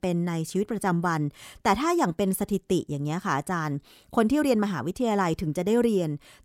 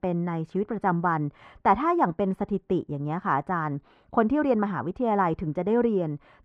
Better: first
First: none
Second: muffled; very; fading above 1.5 kHz

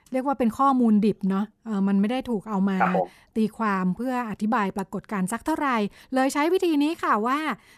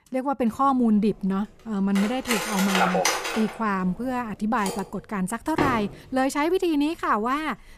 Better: first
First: none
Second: clattering dishes; loud; from 2 to 6 s; peak 2 dB above the speech

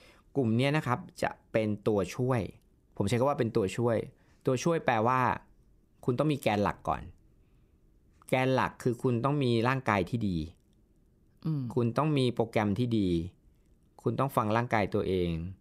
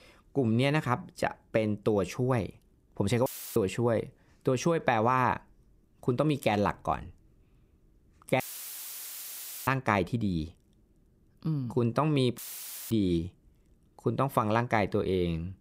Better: first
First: none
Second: audio cutting out; filled with static; at 3.5 s, at 8.5 s for 1.5 s and at 12 s for 0.5 s

